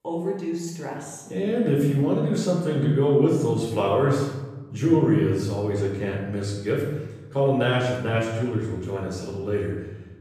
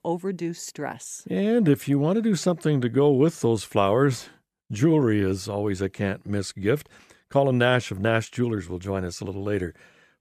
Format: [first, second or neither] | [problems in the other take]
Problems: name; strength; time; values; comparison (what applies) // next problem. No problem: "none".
second | off-mic speech; far // room echo; noticeable; dies away in 1 s